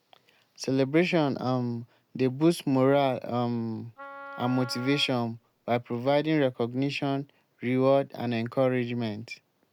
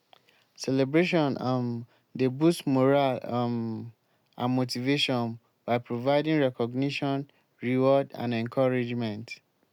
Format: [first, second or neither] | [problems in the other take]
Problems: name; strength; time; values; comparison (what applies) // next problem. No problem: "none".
second | background sound (Wind instrument, woodwind instrument); 16 dB below the speech